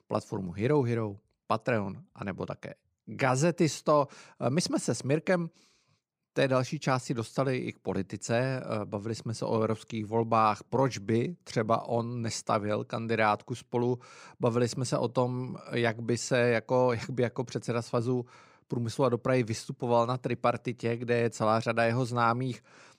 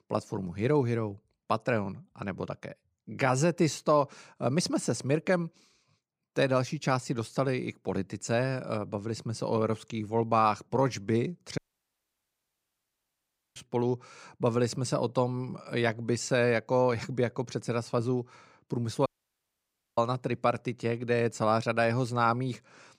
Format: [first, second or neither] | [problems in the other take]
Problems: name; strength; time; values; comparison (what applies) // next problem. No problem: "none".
first | audio cutting out; at 12 s for 2 s and at 19 s for 1 s